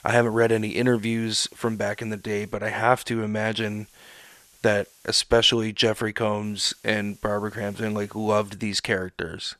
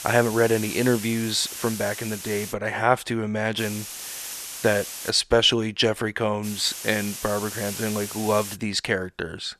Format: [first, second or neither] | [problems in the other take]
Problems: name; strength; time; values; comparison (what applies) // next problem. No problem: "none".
first | hiss; loud; until 2.5 s, from 3.5 to 5 s and from 6.5 to 8.5 s; 9 dB below the speech; faint in the first